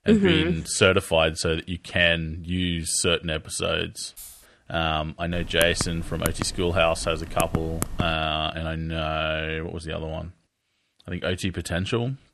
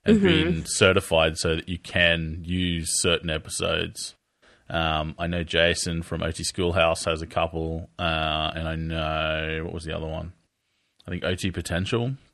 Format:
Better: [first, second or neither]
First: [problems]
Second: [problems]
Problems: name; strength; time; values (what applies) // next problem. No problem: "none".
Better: second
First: jangling keys; faint; at 4 s; peak 15 dB below the speech // keyboard typing; noticeable; from 5.5 to 8 s; peak 6 dB below the speech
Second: none